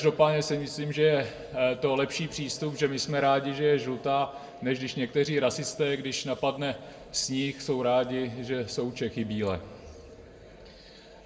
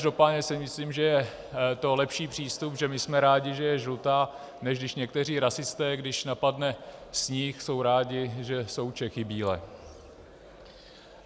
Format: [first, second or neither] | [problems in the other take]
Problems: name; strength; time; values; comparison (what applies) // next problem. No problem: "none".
second | room echo; dies away in 1.2 s